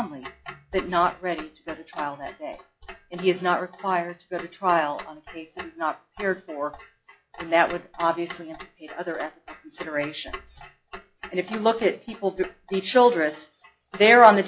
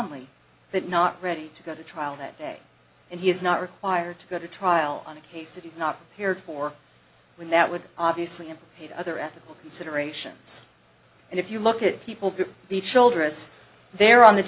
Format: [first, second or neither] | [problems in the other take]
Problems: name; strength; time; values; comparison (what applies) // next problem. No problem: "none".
second | noise reduction (classical method log-MMSE)